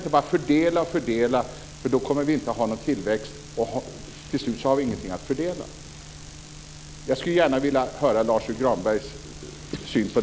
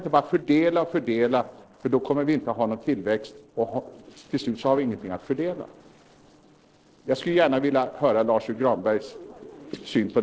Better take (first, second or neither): first